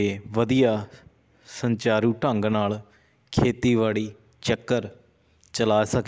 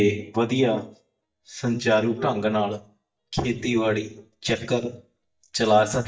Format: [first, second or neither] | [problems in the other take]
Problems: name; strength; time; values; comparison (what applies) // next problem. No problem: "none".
first | noise reduction (neural mask model DeepFilterNet 3)